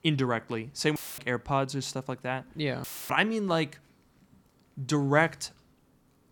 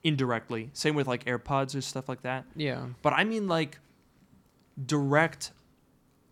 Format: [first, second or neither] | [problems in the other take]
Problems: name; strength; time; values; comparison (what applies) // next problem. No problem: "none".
second | audio cutting out; filled with static; at 1 s and at 3 s